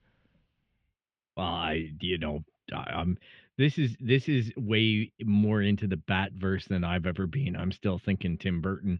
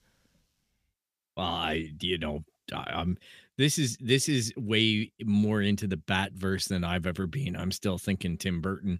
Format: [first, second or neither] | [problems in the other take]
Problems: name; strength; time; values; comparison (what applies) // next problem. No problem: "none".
second | muffled; very; fading above 3 kHz